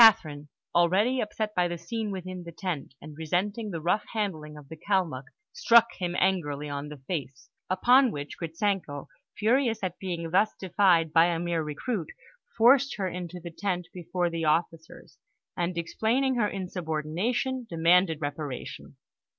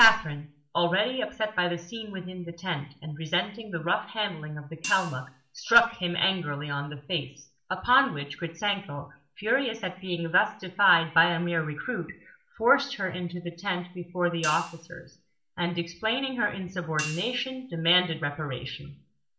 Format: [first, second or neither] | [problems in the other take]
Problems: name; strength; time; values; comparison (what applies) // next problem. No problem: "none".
first | background sound (Hi-hat); 14 dB below the speech // room echo; dies away in 0.4 s